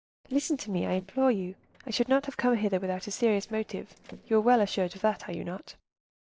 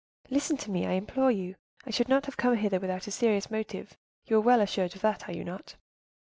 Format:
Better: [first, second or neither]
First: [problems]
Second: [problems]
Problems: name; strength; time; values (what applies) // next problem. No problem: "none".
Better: second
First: noise reduction (neural separator model SepFormer DNS4)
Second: none